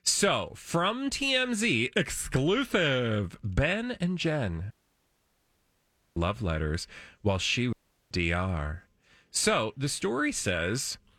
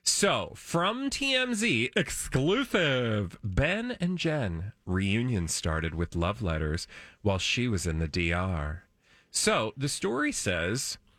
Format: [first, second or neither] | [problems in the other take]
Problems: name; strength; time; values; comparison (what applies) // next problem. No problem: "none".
second | audio cutting out; at 4.5 s for 1.5 s and at 7.5 s